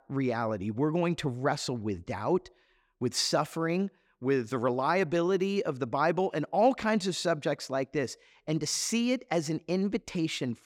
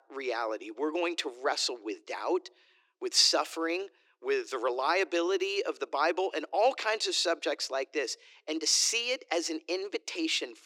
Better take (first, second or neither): first